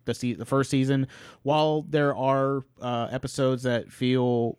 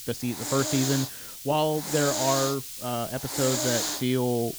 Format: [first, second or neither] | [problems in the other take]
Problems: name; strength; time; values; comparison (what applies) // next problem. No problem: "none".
first | hiss; loud; throughout; 2 dB below the speech